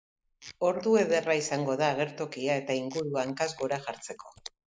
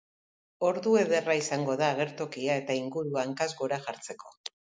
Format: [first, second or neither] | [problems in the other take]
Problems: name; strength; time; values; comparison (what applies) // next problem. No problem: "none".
second | noise reduction (neural mask model Resemble Enhance denoiser)